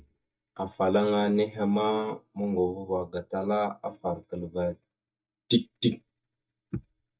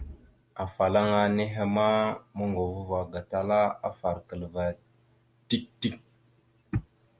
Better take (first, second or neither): second